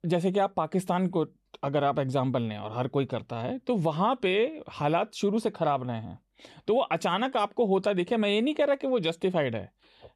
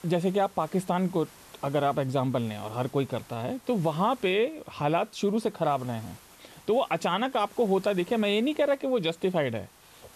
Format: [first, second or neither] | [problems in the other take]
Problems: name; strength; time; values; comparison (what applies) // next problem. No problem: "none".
first | hiss; faint; throughout; 25 dB below the speech